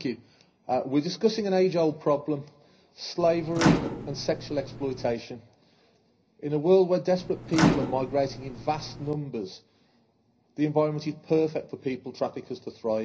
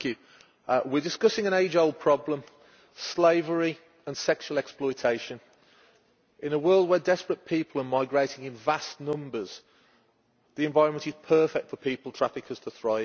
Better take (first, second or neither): second